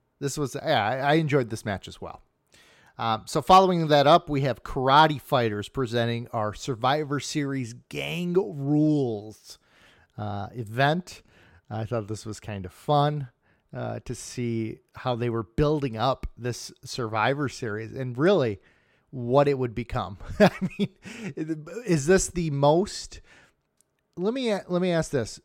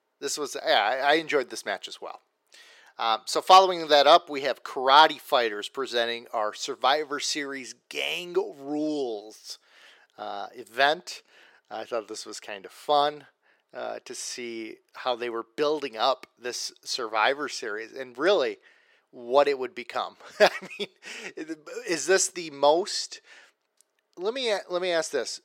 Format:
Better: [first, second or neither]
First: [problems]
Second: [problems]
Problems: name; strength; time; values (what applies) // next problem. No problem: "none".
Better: first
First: none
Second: thin; very; fading below 400 Hz